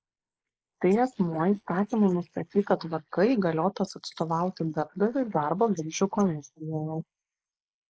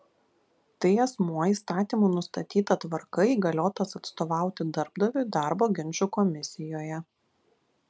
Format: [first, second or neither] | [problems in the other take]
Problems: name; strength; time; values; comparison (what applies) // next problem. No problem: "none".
second | noise reduction (neural mask model Resemble Enhance denoiser)